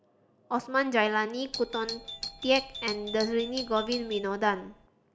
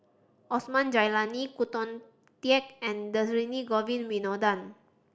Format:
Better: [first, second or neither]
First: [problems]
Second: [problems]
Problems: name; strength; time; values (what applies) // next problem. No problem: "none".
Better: second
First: background sound (Doorbell); 10 dB below the speech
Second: none